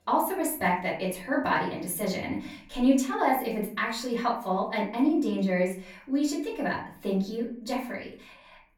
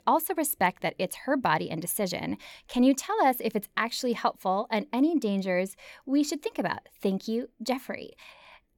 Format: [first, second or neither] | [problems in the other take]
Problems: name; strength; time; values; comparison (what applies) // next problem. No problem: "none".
second | room echo; slight; dies away in 0.4 s // off-mic speech; far